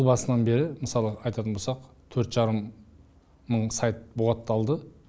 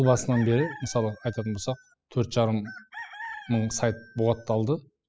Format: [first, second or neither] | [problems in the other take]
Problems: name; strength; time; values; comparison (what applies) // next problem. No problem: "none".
first | noise reduction (classical method spectral subtraction)